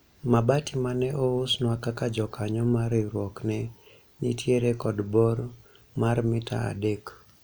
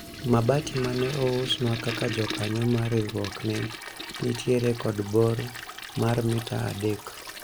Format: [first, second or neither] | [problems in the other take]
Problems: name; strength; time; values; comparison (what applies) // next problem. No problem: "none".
first | background sound (Toilet flush); 11 dB below the speech